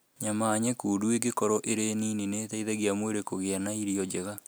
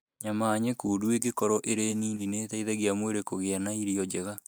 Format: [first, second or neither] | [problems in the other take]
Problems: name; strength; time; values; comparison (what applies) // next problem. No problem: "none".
first | noise reduction (neural mask model DeepFilterNet 3)